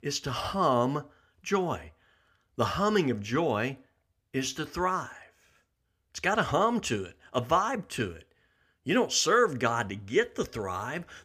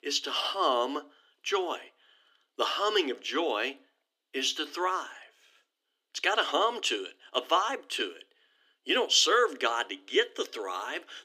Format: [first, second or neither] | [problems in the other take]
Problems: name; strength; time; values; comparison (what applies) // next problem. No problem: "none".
first | thin; somewhat; fading below 300 Hz